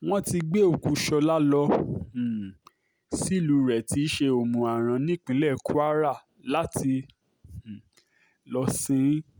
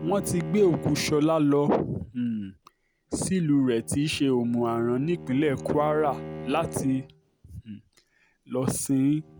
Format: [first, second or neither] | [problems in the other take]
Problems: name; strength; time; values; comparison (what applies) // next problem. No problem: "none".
first | background sound (Bowed string instrument); 15 dB below the speech